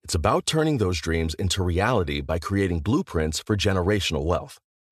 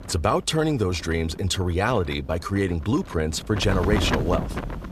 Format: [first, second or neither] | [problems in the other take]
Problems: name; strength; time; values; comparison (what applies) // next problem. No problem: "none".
first | wind noise on the microphone; heavy; 8 dB below the speech